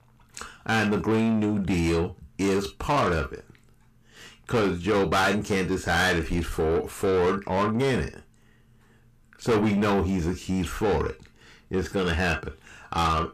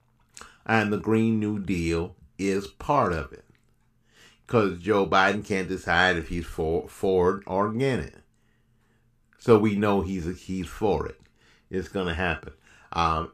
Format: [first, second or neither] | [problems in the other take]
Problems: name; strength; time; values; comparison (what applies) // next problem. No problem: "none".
second | distortion; heavy; 6 dB below the speech